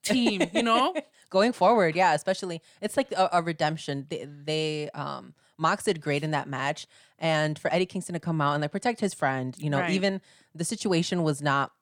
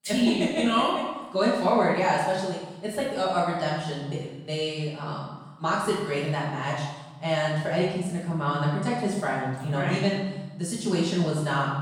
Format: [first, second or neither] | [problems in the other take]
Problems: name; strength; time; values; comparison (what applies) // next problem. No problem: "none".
first | off-mic speech; far // room echo; noticeable; dies away in 1 s